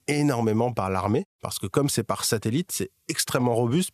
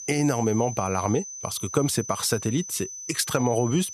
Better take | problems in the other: first | high-pitched whine; loud; throughout; 6 kHz, 9 dB below the speech

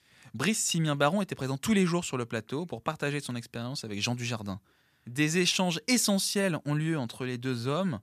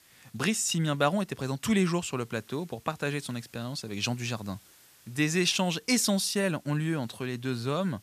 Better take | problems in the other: first | hiss; faint; throughout; 30 dB below the speech

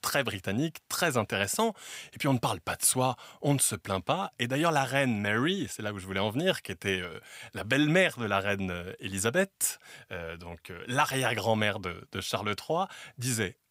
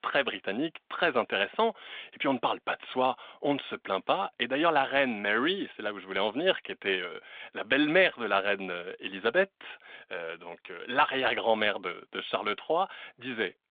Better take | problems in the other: first | phone-call audio

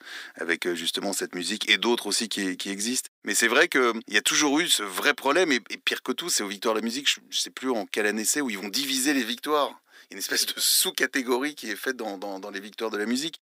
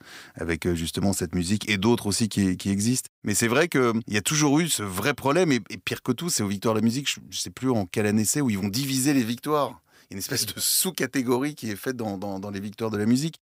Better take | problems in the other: second | thin; somewhat; fading below 300 Hz

